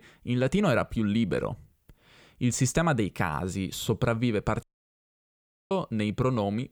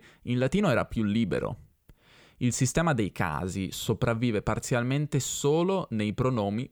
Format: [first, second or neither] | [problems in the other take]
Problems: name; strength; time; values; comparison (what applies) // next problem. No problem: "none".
second | audio cutting out; at 4.5 s for 1 s